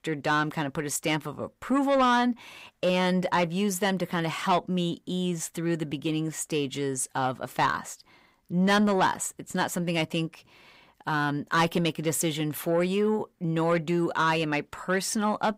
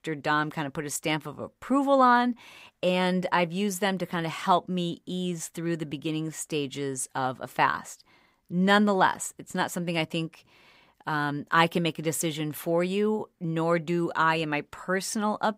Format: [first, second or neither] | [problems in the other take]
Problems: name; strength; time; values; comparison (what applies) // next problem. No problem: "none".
second | distortion; slight; 10 dB below the speech